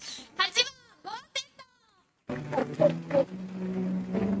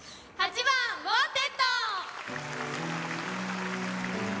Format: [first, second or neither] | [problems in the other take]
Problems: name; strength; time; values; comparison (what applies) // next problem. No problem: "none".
second | noise reduction (neural mask model RNNoise)